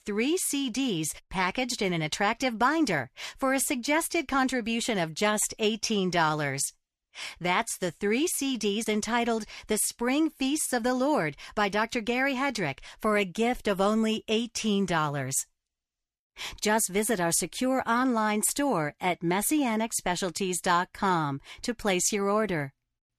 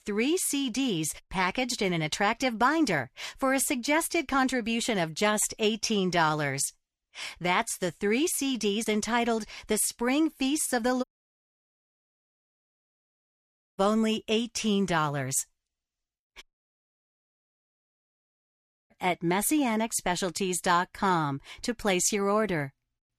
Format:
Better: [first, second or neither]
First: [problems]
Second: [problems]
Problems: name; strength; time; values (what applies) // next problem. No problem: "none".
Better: first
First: none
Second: audio cutting out; at 11 s for 2.5 s and at 16 s for 2.5 s